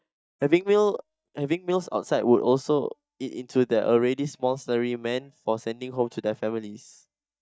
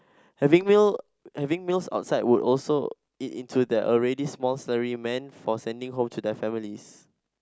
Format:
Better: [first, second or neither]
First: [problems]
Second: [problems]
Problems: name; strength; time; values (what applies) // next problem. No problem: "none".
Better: second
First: noise reduction (neural mask model DeepFilterNet 3)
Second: none